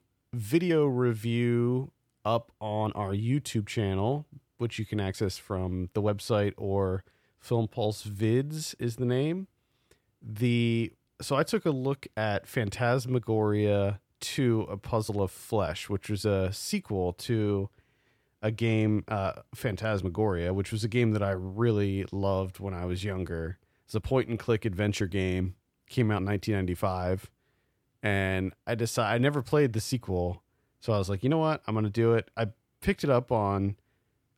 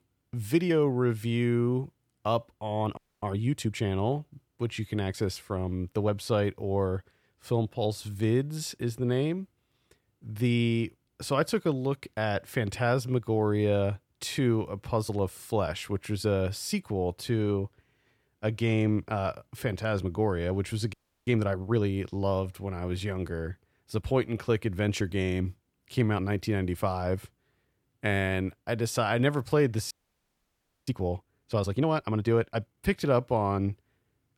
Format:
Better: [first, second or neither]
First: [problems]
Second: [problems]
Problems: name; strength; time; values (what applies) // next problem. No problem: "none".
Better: first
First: none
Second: audio freezing; at 3 s, at 21 s and at 30 s for 1 s